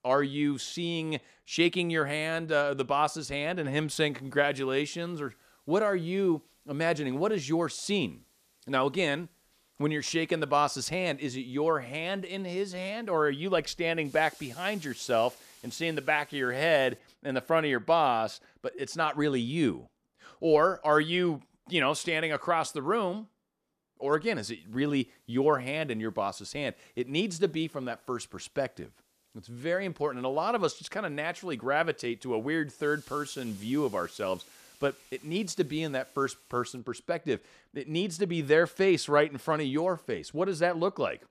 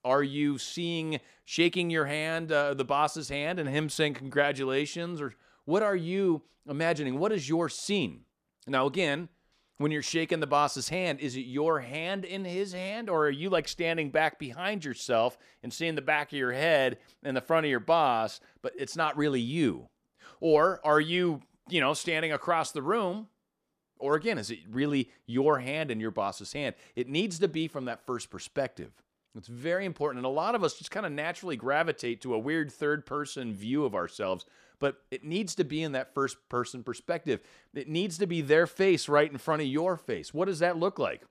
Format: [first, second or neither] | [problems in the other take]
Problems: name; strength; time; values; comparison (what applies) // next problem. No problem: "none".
second | hiss; faint; from 4 to 17 s and from 25 to 37 s; 25 dB below the speech